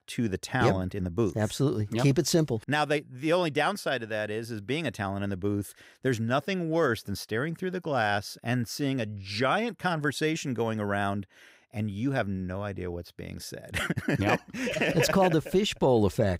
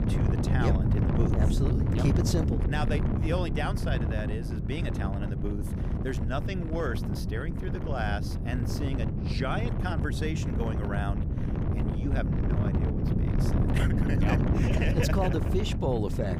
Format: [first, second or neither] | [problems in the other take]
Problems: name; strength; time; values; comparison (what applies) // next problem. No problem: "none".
first | wind noise on the microphone; heavy; 3 dB below the speech